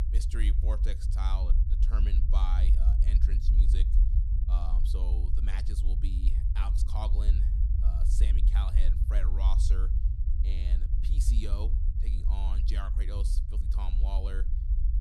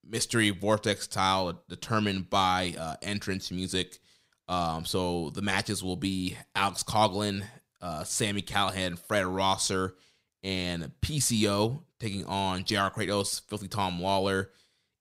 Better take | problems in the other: second | low rumble; loud; throughout; 4 dB below the speech

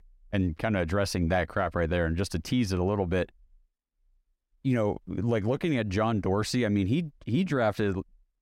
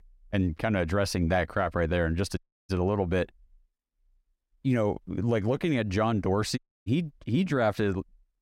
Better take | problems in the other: first | audio cutting out; at 2.5 s and at 6.5 s

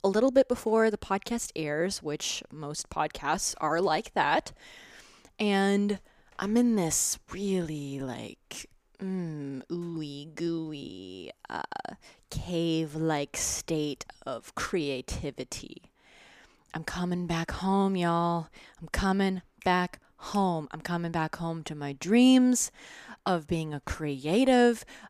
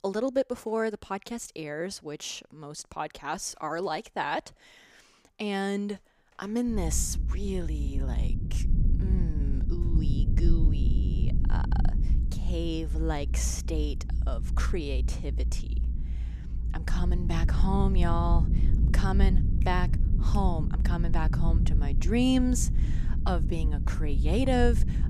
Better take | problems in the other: first | low rumble; noticeable; from 6.5 s on; 10 dB below the speech

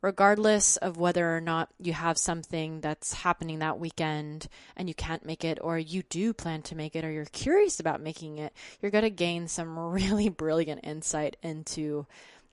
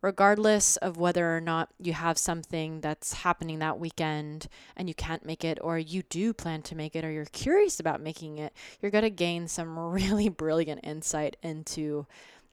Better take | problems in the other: second | garbled, watery; slightly; nothing above 10.5 kHz

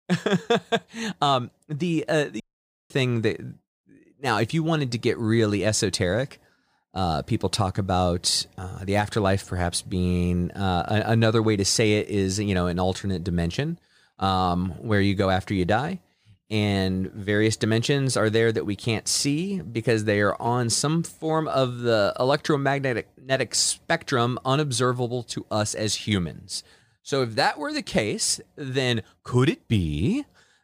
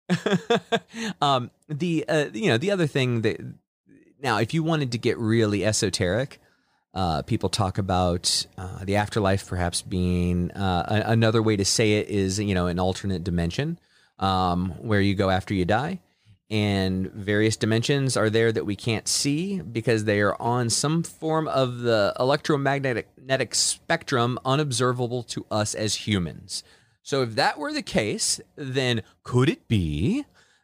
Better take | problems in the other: second | audio cutting out; at 2.5 s for 0.5 s

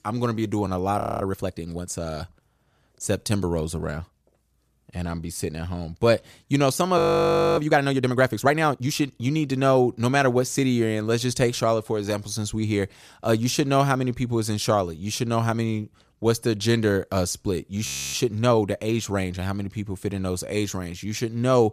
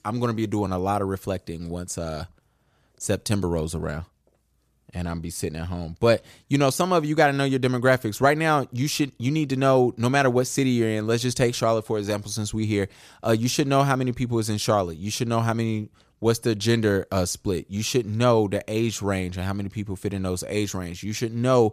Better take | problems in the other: second | audio freezing; at 1 s, at 7 s for 0.5 s and at 18 s

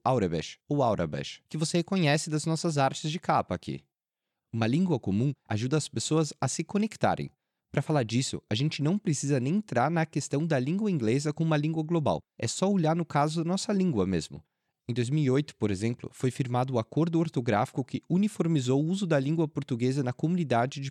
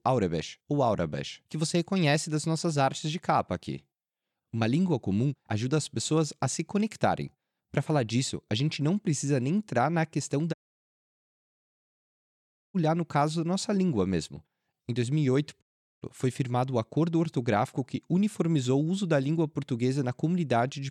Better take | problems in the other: first | audio cutting out; at 11 s for 2 s and at 16 s

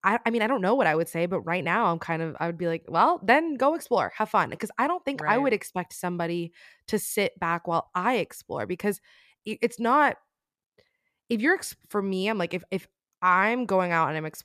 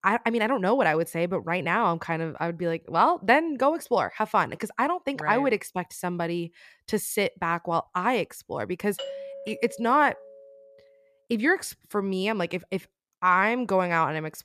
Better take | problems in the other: first | doorbell; faint; from 9 to 11 s; peak 10 dB below the speech

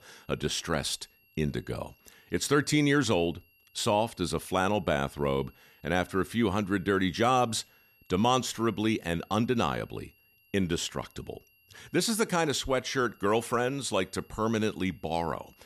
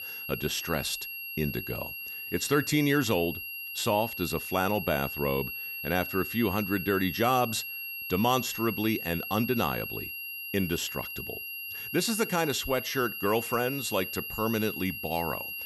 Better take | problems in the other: first | high-pitched whine; loud; throughout; 2.5 kHz, 6 dB below the speech; faint in the first

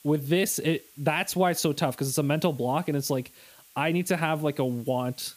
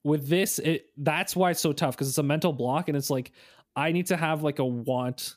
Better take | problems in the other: second | hiss; faint; throughout; 25 dB below the speech

